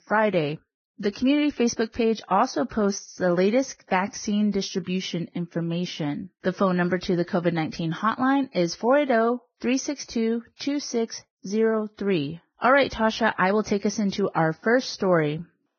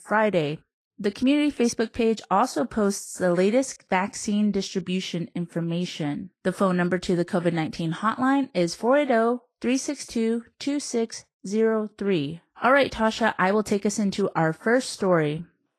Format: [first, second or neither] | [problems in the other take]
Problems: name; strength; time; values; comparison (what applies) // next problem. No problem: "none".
second | garbled, watery; badly; nothing above 6.5 kHz; slightly in the second